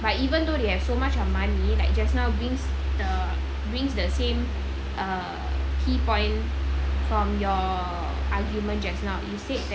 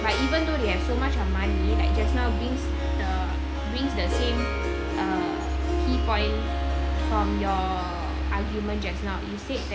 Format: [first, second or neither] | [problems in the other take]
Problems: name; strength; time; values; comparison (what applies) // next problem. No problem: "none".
first | background sound (Harp); 7 dB below the speech